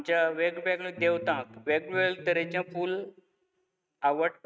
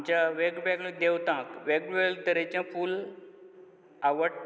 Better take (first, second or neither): second